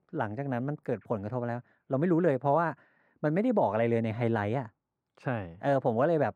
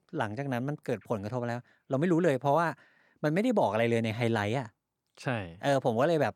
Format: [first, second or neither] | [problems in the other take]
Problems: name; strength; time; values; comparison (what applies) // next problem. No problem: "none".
second | muffled; slightly; fading above 2.5 kHz